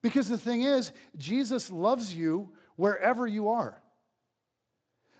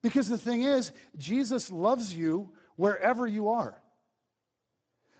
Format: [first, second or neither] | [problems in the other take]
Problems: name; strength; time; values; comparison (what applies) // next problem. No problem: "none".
first | garbled, watery; badly; nothing above 8 kHz; slightly in the first